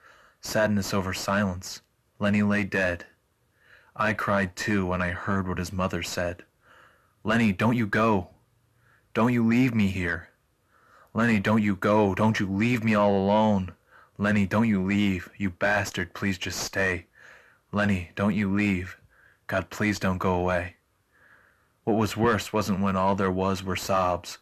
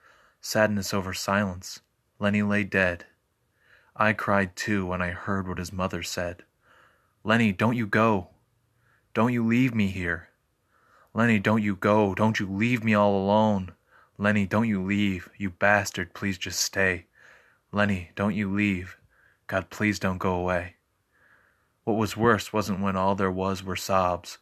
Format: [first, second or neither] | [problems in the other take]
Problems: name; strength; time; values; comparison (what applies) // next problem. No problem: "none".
second | distortion; slight; 10 dB below the speech